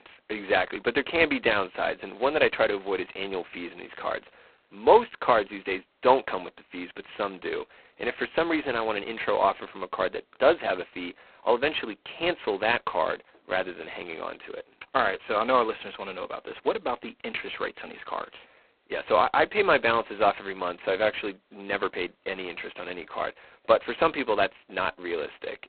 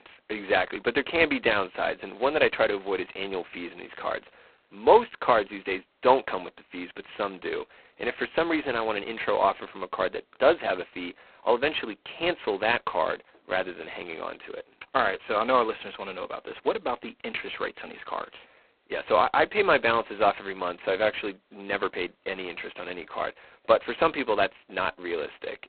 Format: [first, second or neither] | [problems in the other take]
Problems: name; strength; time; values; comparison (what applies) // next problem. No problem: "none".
neither | phone-call audio; poor line; nothing above 4 kHz; the same in both